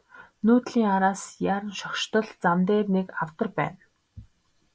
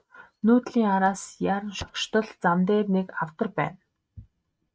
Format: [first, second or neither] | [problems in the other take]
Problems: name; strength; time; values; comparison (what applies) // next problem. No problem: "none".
first | noise reduction (neural mask model RNNoise)